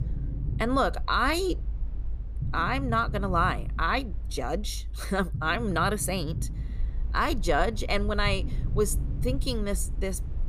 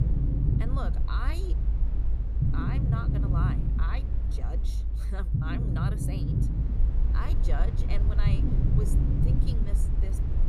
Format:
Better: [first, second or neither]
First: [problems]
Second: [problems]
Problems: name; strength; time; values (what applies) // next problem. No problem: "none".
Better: first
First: low rumble; faint; throughout; 20 dB below the speech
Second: low rumble; loud; throughout; as loud as the speech